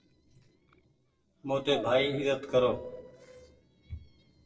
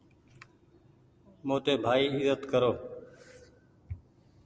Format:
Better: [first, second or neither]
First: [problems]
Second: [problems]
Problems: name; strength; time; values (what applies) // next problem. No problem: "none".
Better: second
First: noise reduction (neural separator model SepFormer DNS4)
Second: none